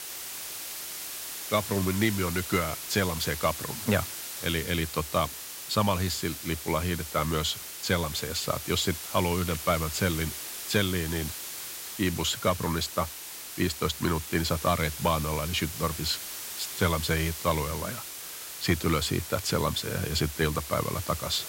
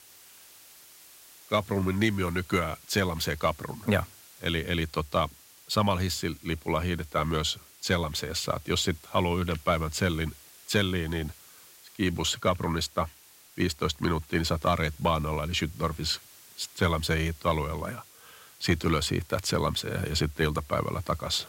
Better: second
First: hiss; loud; throughout; 7 dB below the speech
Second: hiss; faint; throughout; 20 dB below the speech

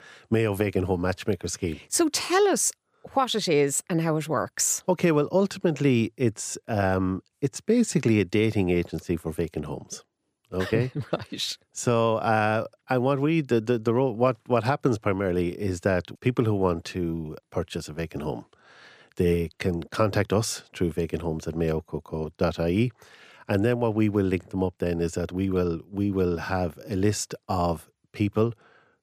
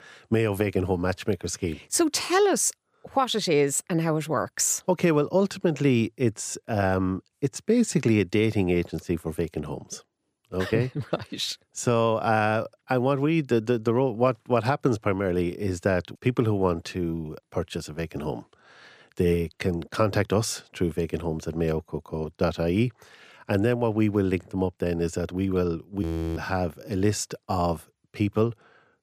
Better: first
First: none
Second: audio freezing; at 26 s

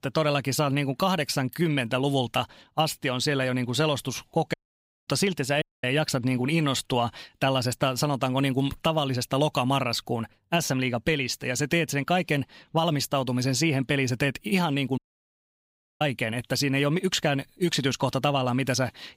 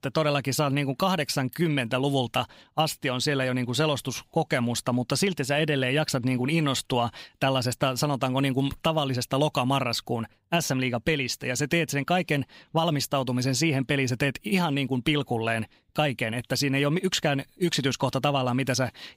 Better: second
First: audio cutting out; at 4.5 s for 0.5 s, at 5.5 s and at 15 s for 1 s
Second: none

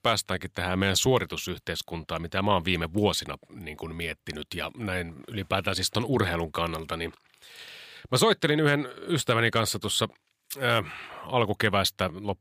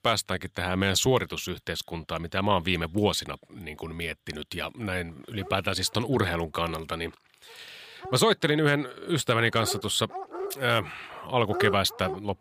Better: first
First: none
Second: animal sounds; noticeable; throughout; 10 dB below the speech

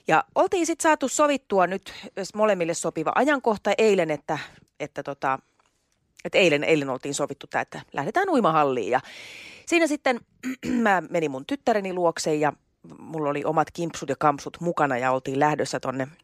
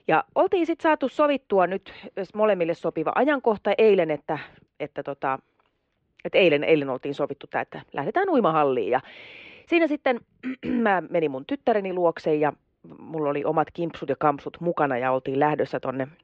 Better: first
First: none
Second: muffled; very; fading above 3 kHz

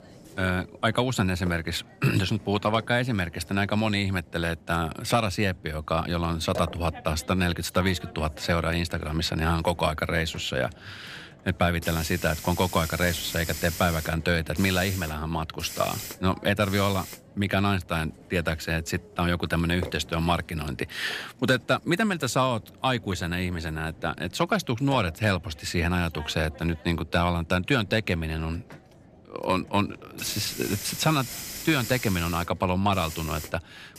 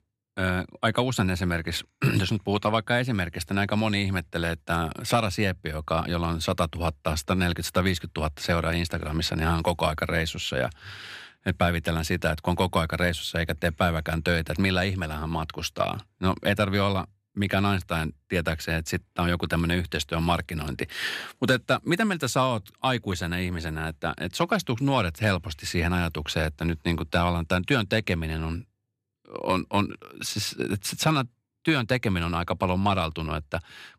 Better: second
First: hiss; noticeable; throughout; 15 dB below the speech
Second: none

